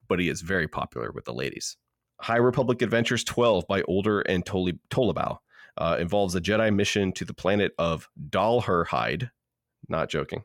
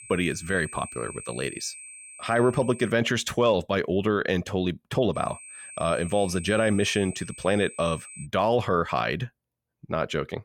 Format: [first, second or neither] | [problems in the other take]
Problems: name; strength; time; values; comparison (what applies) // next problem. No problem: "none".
first | high-pitched whine; noticeable; until 3 s and from 5 to 8.5 s; 8.5 kHz, 15 dB below the speech